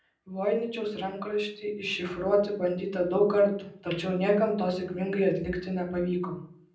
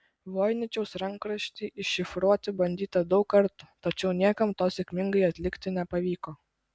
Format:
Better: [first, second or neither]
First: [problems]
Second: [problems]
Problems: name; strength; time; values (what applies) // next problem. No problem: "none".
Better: second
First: room echo; dies away in 0.6 s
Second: none